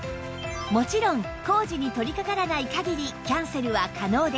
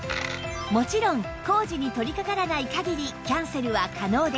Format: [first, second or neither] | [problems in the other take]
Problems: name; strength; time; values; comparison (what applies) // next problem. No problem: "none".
first | background sound (Coin (dropping)); 16 dB below the speech